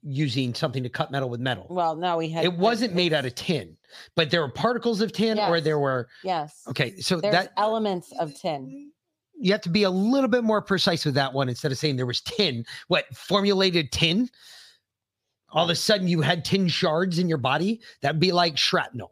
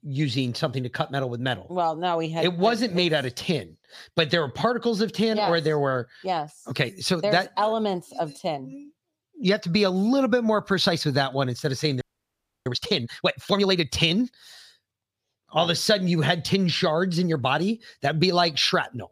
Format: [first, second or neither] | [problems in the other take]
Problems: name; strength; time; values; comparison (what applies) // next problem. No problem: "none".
first | audio freezing; at 12 s for 0.5 s